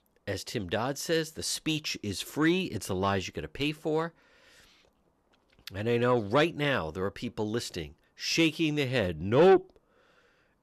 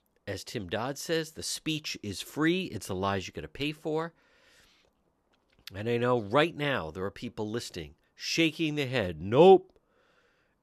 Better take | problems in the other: second | distortion; slight; 10 dB below the speech

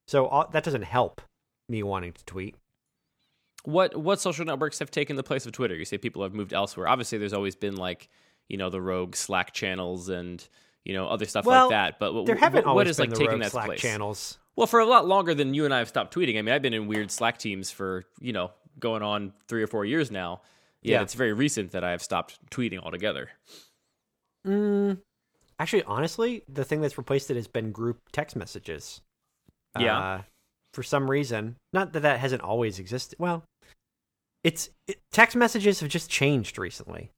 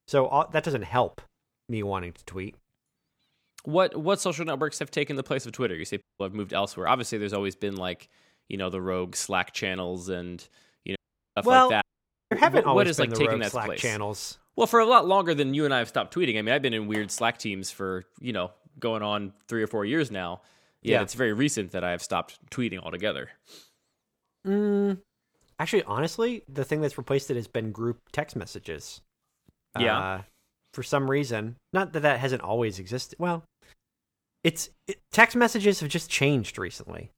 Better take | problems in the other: first | audio cutting out; at 6 s, at 11 s and at 12 s

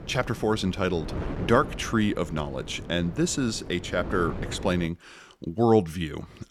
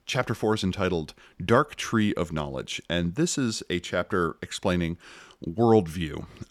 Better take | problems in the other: second | wind noise on the microphone; occasional gusts; until 5 s; 15 dB below the speech

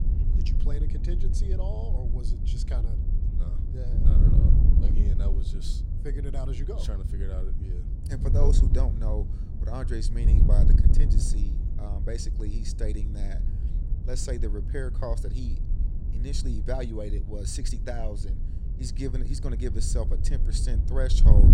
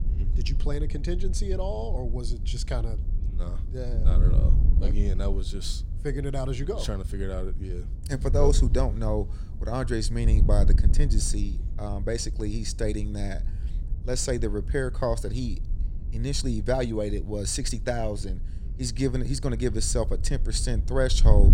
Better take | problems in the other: second | wind noise on the microphone; heavy; 5 dB below the speech; occasional gusts in the second

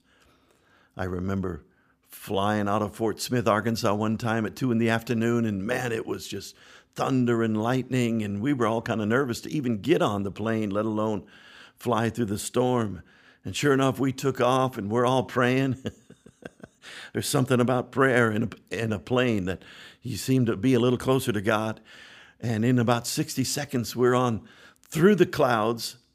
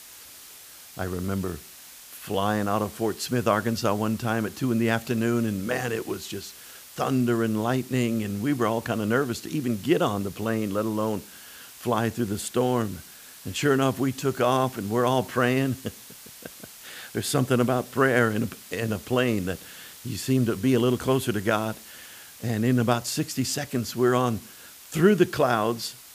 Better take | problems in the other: first | hiss; noticeable; throughout; 20 dB below the speech

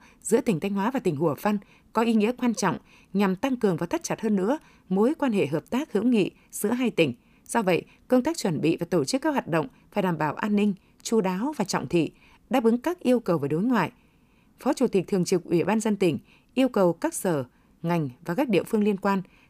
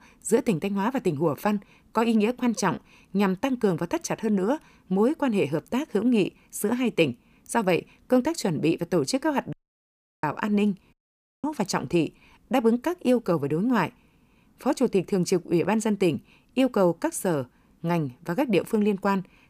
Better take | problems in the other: first | audio cutting out; at 9.5 s for 0.5 s and at 11 s for 0.5 s

